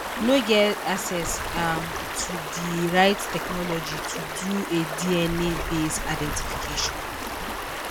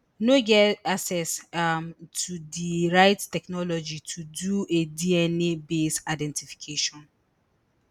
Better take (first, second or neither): second